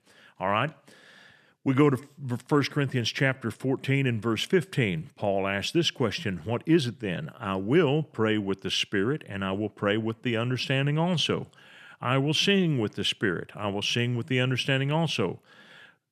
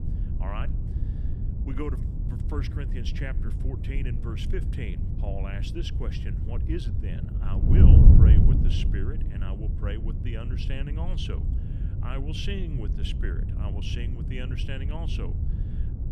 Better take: first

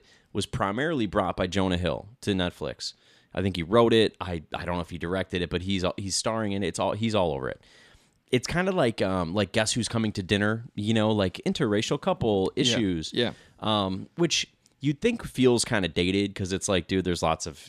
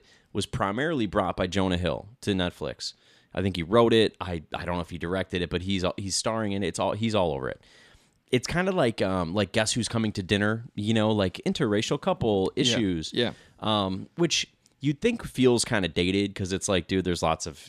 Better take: neither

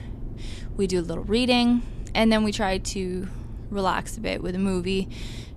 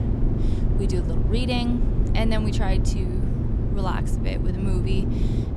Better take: first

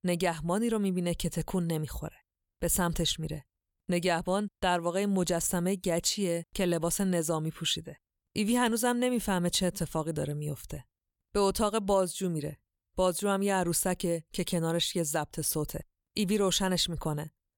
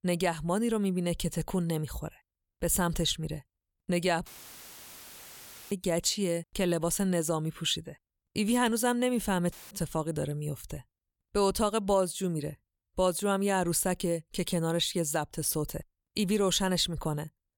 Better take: first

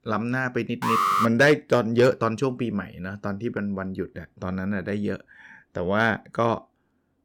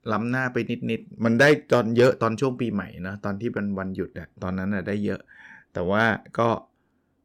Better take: second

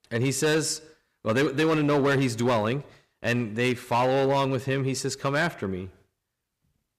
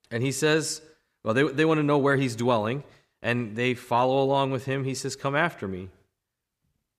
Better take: second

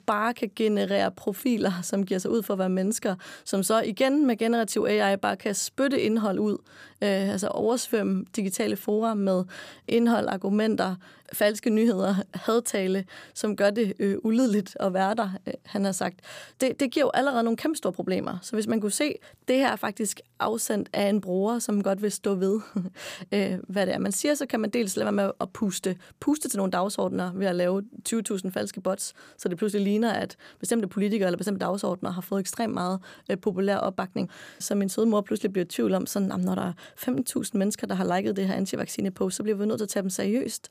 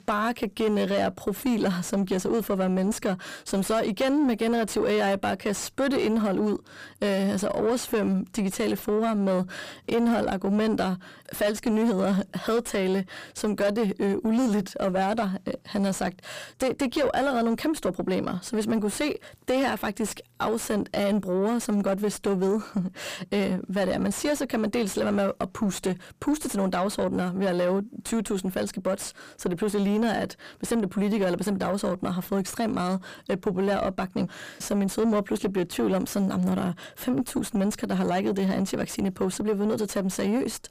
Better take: first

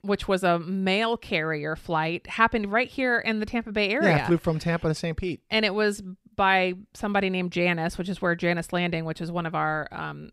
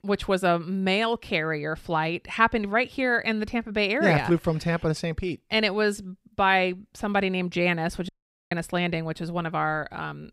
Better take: first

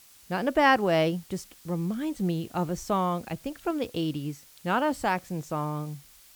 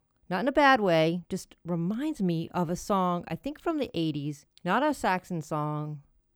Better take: second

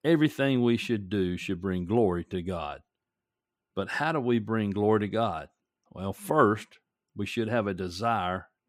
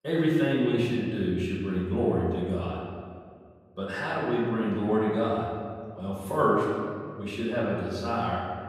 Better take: first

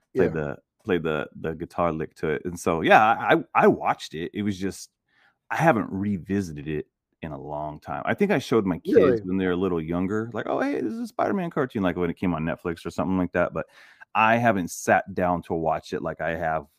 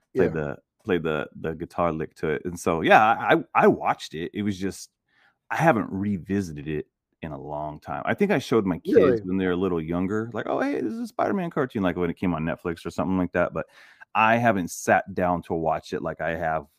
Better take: neither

